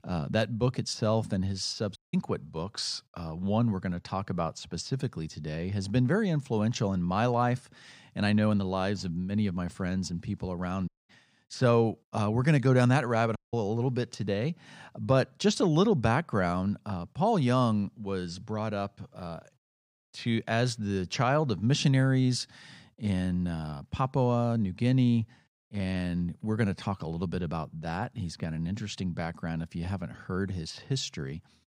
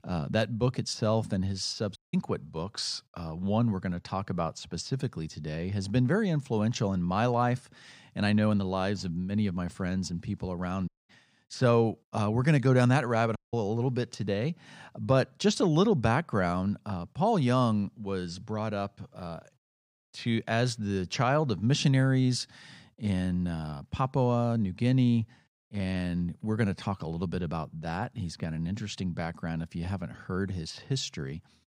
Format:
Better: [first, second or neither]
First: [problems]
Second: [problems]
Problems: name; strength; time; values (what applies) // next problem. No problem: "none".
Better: neither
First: audio cutting out; at 2 s, at 11 s and at 13 s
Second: audio cutting out; at 2 s, at 11 s and at 13 s